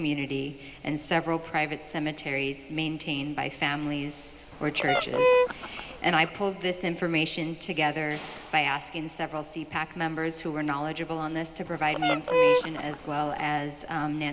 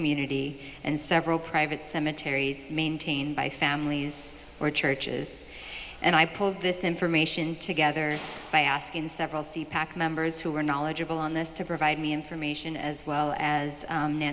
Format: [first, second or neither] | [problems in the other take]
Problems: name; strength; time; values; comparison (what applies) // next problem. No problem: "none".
second | background sound (Fowl); 4 dB above the speech